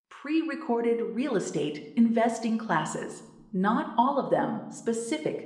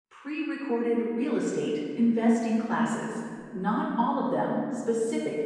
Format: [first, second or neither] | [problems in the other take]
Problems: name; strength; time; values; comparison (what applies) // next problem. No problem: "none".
first | room echo; strong; dies away in 2 s; slight in the first // off-mic speech; far